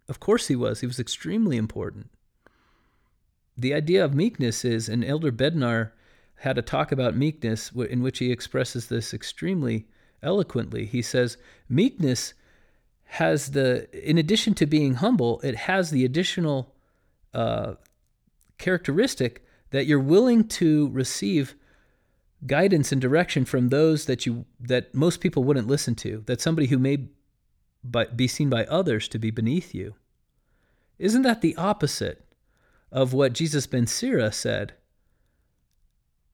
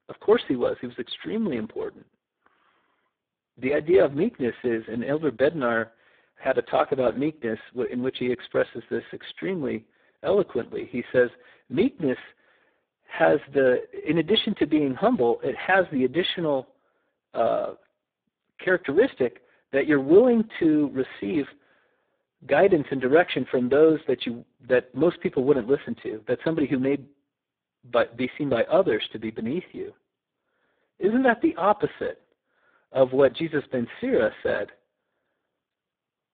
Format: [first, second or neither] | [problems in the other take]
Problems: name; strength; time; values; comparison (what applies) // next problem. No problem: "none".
first | phone-call audio; poor line; nothing above 3.5 kHz